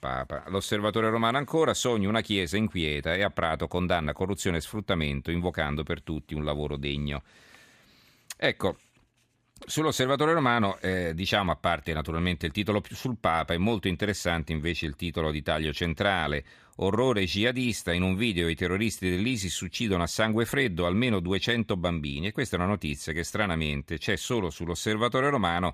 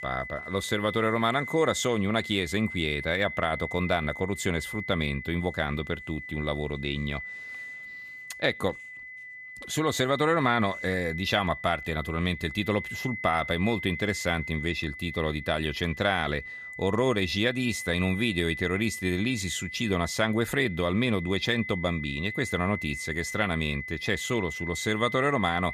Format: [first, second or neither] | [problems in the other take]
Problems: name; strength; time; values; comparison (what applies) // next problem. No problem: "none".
first | high-pitched whine; loud; throughout; 2 kHz, 9 dB below the speech